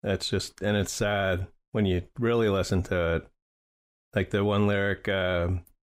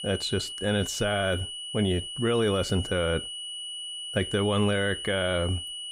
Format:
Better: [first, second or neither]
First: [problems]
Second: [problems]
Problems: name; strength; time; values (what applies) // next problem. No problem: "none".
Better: first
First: none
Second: high-pitched whine; loud; throughout; 3 kHz, 6 dB below the speech